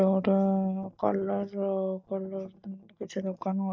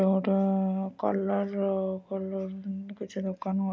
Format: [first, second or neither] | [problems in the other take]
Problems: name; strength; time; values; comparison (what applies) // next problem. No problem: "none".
second | noise reduction (neural mask model DeepFilterNet 3)